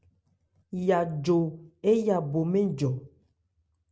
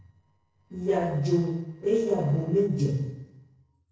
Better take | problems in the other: first | noise reduction (neural separator model SepFormer DNS4)

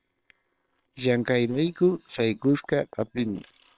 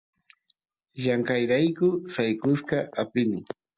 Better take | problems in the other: second | noise reduction (neural separator model SepFormer WHAM!)

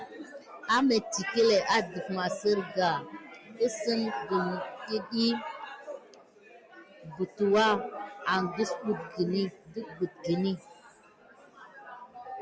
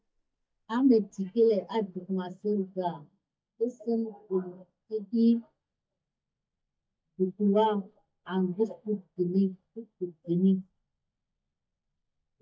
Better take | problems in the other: first | noise reduction (neural mask model DeepFilterNet 3)

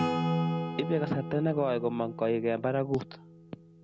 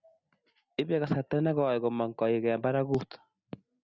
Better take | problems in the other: second | background sound (Acoustic guitar / Strum); 3 dB below the speech

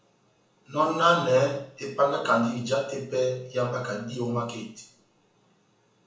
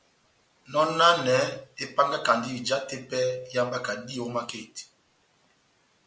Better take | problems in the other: second | room echo; dies away in 0.7 s

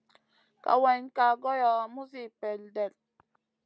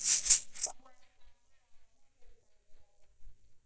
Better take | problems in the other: first | noise reduction (neural mask model DeepFilterNet 3)

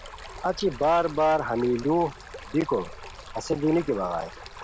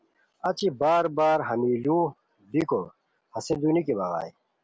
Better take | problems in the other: second | background sound (Stream); 15 dB below the speech

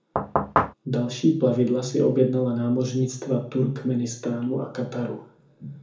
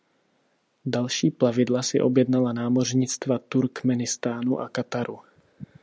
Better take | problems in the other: second | background sound (Knock / Wood); 1 dB above the speech // room echo; dies away in 0.7 s

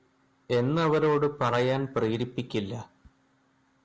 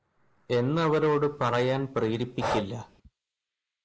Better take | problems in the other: first | noise reduction (neural mask model Resemble Enhance denoiser)

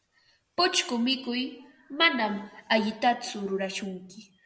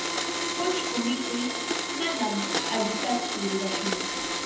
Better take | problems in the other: first | background sound (Domestic sounds, home sounds); 2 dB above the speech // room echo; dies away in 0.7 s

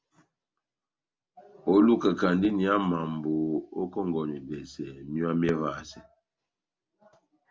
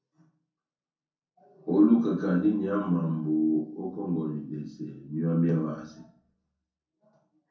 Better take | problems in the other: first | room echo; dies away in 0.6 s

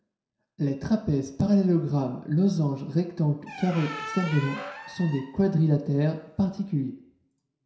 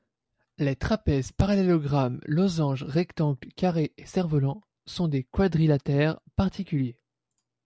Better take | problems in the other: second | background sound (Squeak); 13 dB below the speech // room echo; dies away in 0.6 s

